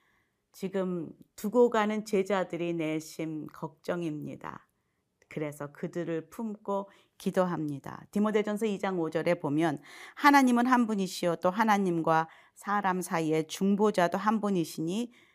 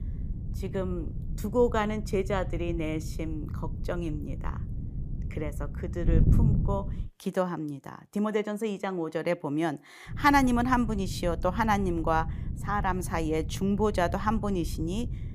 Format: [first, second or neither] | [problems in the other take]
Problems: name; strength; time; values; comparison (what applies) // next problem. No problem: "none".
first | wind noise on the microphone; occasional gusts; until 7 s and from 10 s on; 15 dB below the speech